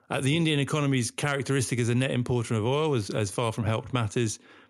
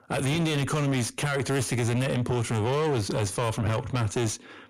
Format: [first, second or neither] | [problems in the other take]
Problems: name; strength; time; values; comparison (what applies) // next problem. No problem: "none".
first | distortion; heavy; 7 dB below the speech